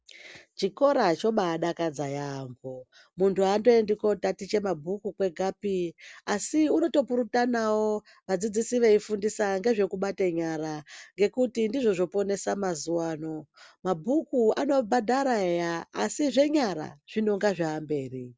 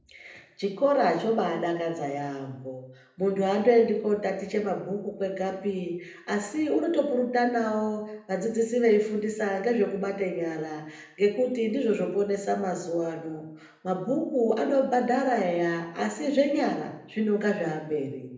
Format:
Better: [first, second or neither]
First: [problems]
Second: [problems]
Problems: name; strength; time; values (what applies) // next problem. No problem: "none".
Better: first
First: none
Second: room echo; dies away in 0.7 s